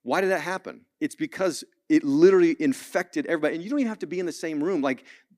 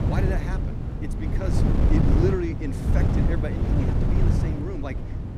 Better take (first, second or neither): first